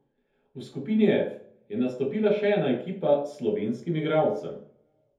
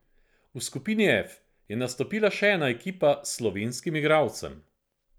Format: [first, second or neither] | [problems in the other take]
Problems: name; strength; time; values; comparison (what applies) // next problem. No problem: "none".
second | room echo; dies away in 0.5 s